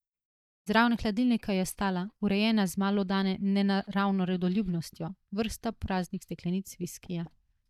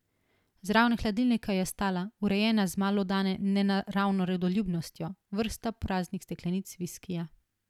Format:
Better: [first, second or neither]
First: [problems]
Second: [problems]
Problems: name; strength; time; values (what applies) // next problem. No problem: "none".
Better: second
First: noise reduction (neural mask model DeepFilterNet 3)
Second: none